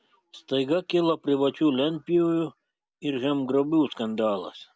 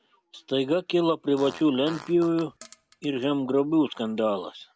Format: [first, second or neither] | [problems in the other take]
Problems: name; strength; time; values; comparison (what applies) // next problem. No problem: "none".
first | background sound (Fart); 20 dB below the speech